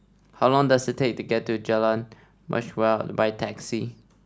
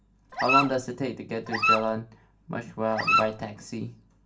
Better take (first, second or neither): first